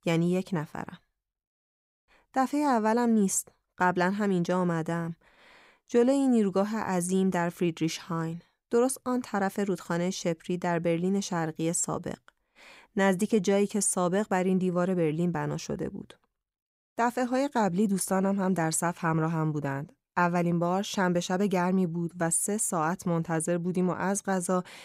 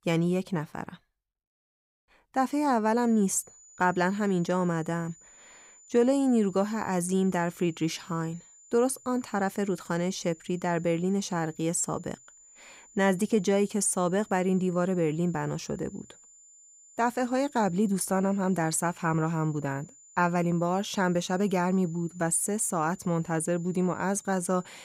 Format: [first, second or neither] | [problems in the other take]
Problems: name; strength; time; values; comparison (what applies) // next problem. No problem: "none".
first | high-pitched whine; faint; from 3 s on; 7 kHz, 25 dB below the speech